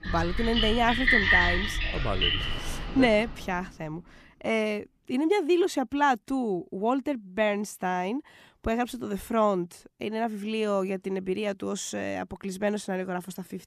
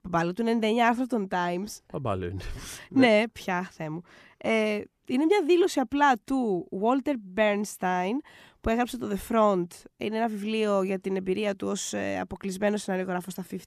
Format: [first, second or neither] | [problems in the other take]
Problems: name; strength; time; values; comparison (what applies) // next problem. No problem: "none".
second | rain or running water; very loud; until 3 s; 3 dB above the speech